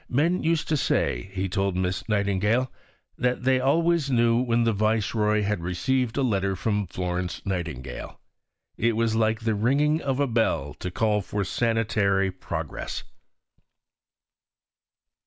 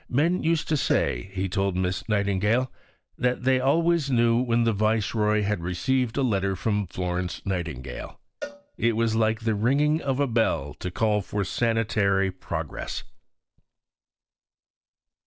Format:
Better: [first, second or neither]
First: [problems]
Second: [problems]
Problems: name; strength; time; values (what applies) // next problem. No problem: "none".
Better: first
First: none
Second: noise reduction (neural separator model SepFormer DNS4)